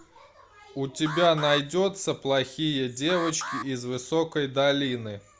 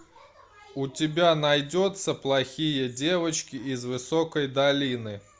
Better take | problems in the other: second | background sound (Alarm); 12 dB below the speech

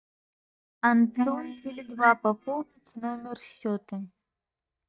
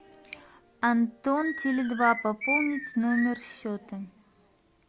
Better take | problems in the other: second | noise reduction (neural mask model DeepFilterNet 3)

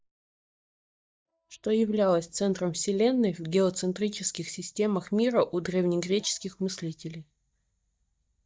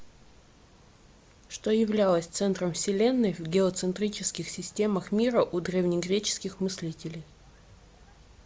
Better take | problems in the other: second | noise reduction (neural mask model DeepFilterNet 3)

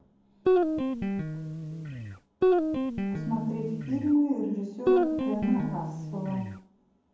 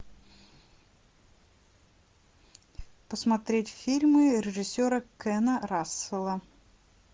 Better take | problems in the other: second | background sound (Guitar); 4 dB above the speech // room echo; dies away in 1.2 s

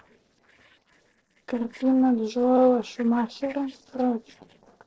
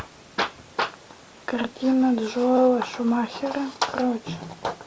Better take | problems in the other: second | noise reduction (neural separator model SepFormer DNS4)

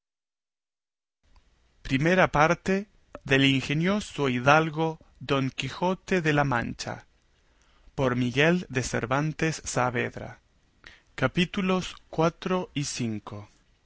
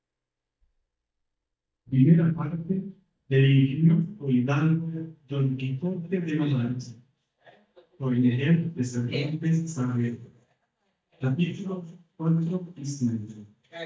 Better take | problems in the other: first | noise reduction (neural mask model DeepFilterNet 3)

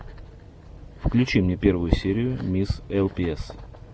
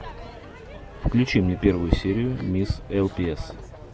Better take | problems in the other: first | background sound (Crowd / Fireworks); 18 dB below the speech

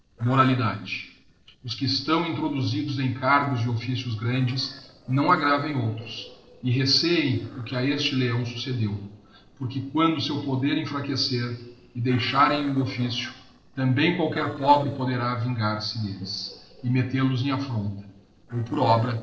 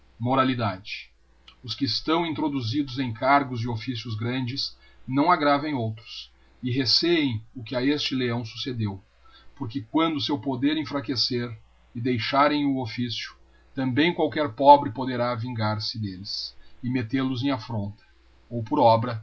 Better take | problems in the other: second | noise reduction (neural separator model SepFormer DNS4)

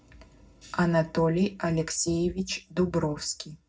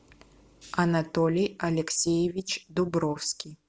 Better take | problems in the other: second | room echo; dies away in 0.4 s

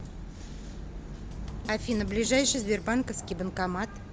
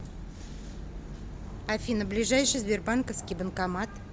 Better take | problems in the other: second | background sound (Bass drum / Snare drum); 14 dB below the speech

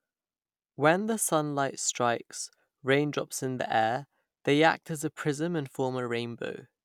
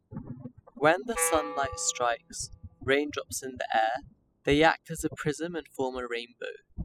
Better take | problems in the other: first | noise reduction (classical method spectral subtraction)

